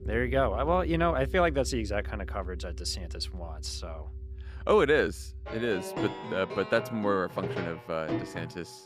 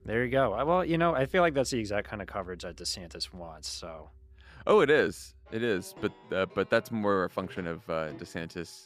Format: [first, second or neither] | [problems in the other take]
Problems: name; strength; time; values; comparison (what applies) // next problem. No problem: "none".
second | background music; loud; throughout; 9 dB below the speech; faint in the second